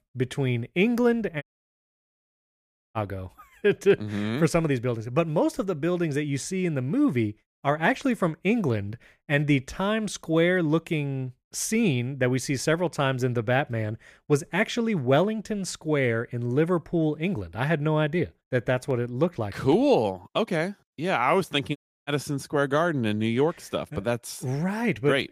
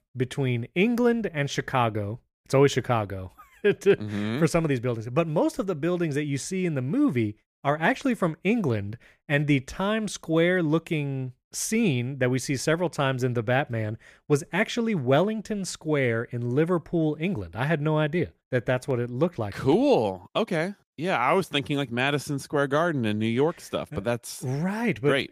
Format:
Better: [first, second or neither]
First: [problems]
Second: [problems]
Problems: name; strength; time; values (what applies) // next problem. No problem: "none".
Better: second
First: audio cutting out; at 1.5 s for 1.5 s and at 22 s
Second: none